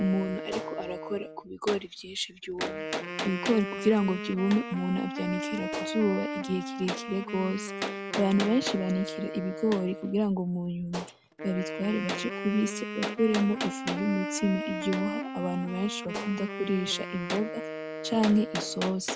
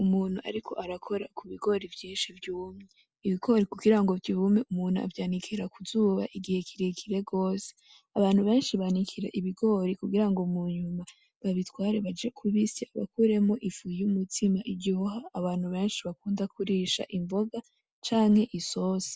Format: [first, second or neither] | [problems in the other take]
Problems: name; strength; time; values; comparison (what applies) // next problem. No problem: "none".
second | background sound (Wind instrument, woodwind instrument + Gunshot, gunfire); 6 dB below the speech